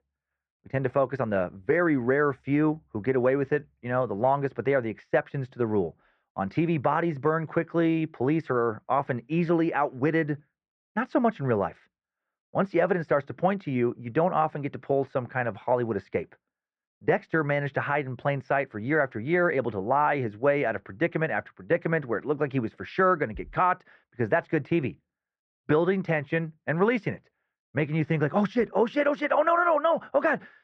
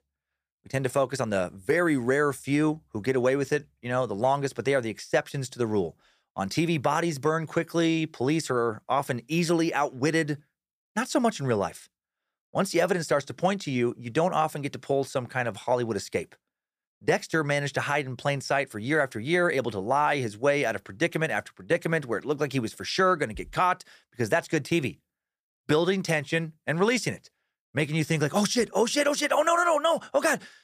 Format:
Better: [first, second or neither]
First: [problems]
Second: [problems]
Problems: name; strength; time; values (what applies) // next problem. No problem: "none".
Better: second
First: muffled; very; fading above 2 kHz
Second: none